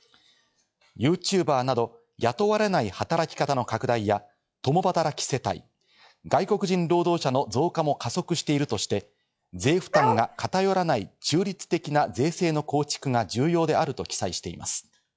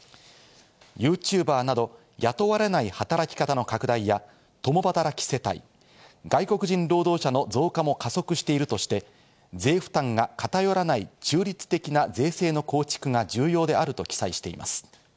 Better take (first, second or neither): second